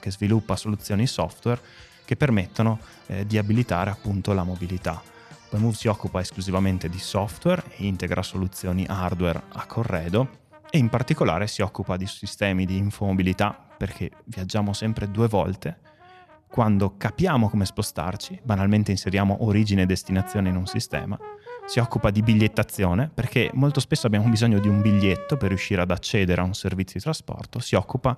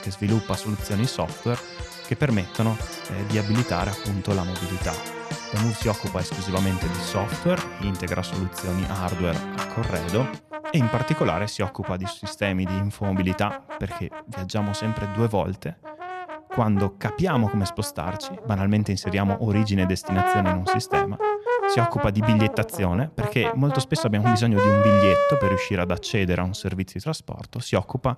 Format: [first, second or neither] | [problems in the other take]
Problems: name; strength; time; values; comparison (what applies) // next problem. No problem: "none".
first | background music; loud; throughout; 4 dB below the speech; faint in the first